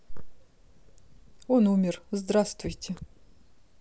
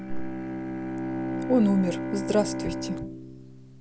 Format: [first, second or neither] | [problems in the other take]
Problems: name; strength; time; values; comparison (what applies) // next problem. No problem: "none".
first | background sound (Bowed string instrument); 4 dB below the speech